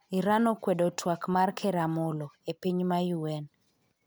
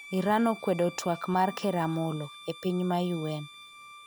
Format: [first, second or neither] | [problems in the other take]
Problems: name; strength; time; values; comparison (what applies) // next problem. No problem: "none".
first | background sound (Bowed string instrument); 18 dB below the speech